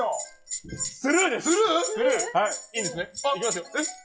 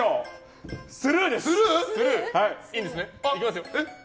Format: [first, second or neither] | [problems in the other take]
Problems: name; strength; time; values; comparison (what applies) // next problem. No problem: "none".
second | noise reduction (classical method WPE with log-MMSE)